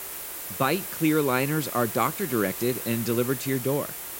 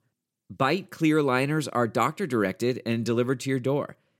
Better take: second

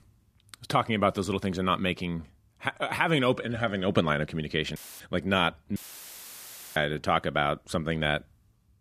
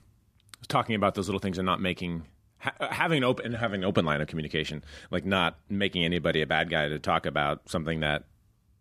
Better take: second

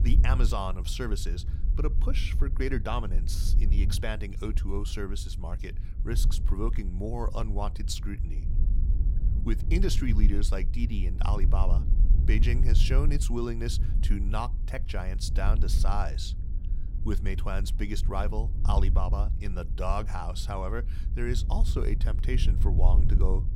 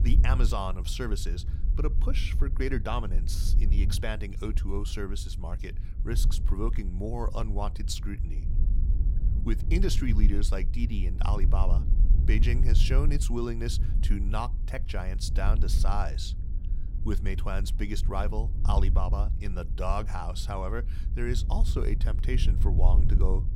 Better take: neither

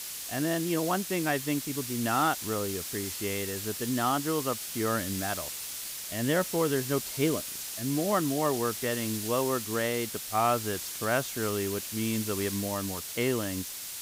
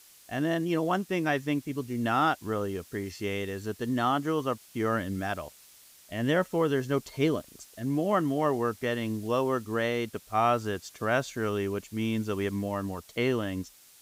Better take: second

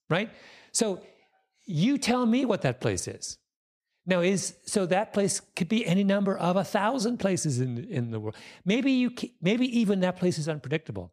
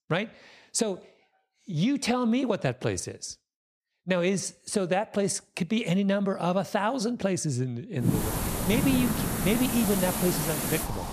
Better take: first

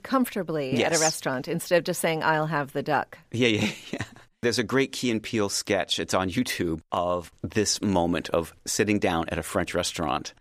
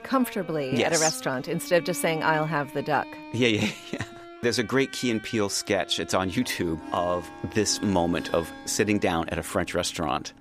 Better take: first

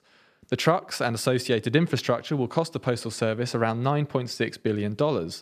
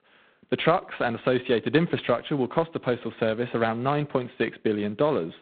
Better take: first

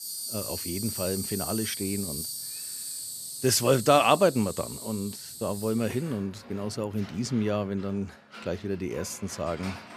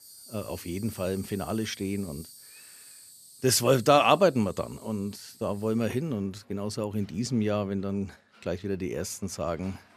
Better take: second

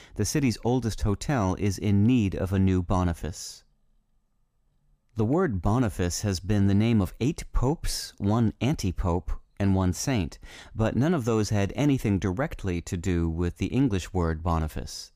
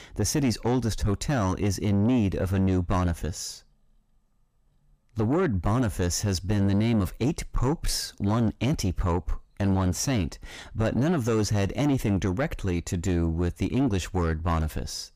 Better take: first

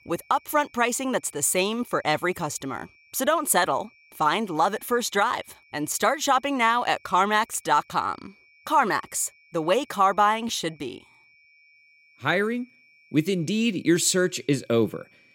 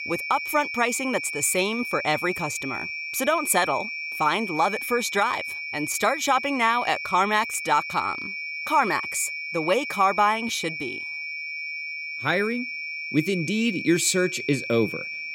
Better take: first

